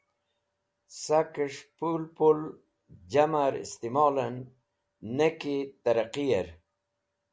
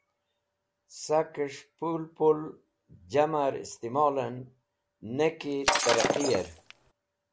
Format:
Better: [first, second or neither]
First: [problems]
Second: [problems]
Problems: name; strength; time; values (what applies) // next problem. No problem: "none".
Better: first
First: none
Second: background sound (Shatter); 1 dB above the speech